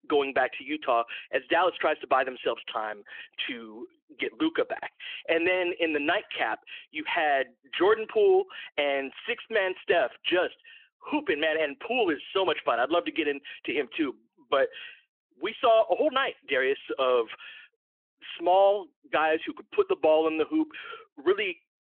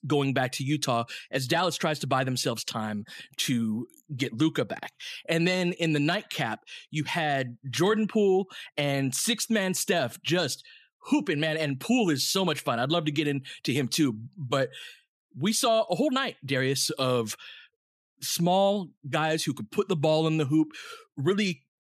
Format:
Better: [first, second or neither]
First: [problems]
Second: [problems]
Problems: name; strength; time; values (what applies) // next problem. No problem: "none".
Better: second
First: phone-call audio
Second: none